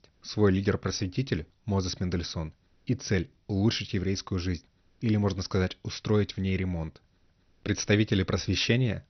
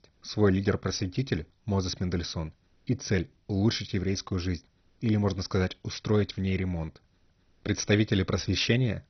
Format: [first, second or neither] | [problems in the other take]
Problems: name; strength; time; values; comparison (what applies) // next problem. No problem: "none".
first | garbled, watery; badly; nothing above 6 kHz; slightly in the first